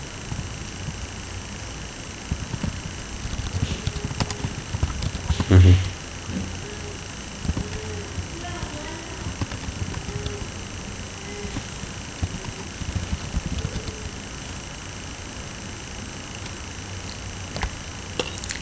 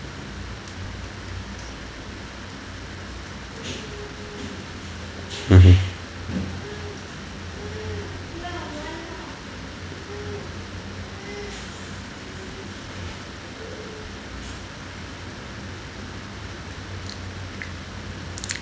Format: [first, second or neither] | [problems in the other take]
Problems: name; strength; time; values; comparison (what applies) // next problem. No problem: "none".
second | background sound (Typing); 3 dB below the speech